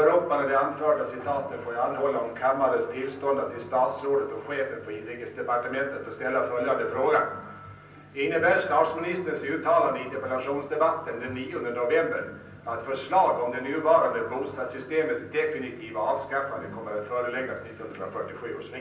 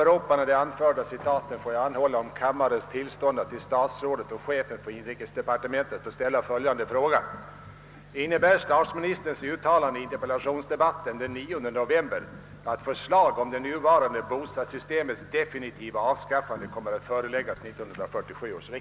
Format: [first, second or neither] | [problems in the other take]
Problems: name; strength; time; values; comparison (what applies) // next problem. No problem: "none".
second | room echo; dies away in 0.6 s